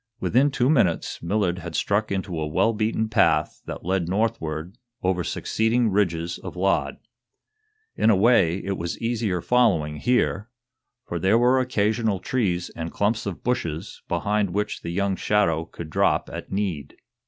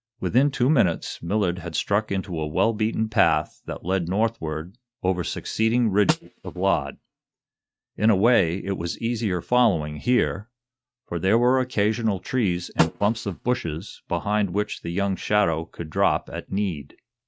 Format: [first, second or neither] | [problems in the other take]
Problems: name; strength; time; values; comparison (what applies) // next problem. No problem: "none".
first | noise reduction (neural mask model RNNoise)